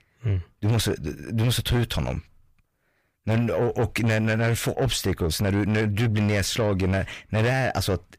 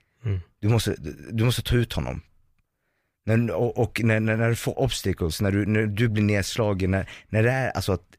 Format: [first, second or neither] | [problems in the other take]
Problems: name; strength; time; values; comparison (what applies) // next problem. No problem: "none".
second | distortion; slight; 10 dB below the speech